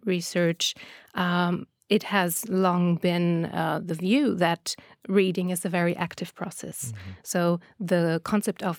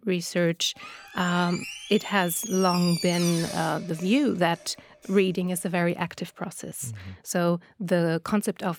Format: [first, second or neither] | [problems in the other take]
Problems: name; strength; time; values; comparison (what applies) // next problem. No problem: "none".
first | door banging; noticeable; from 1 to 5 s; peak 5 dB below the speech